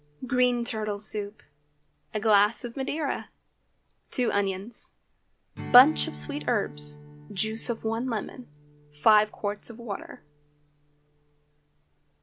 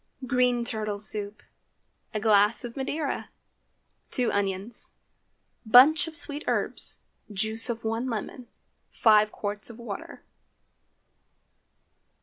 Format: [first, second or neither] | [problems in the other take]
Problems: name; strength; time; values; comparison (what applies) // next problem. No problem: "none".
second | background sound (Strum); 18 dB below the speech